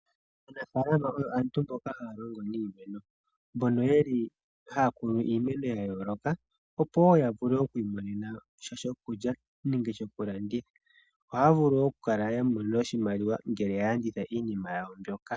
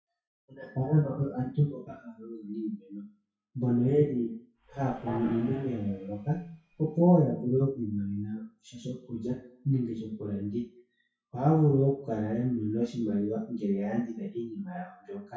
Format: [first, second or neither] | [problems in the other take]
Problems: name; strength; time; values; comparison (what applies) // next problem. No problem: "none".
first | noise reduction (classical method WPE with log-MMSE)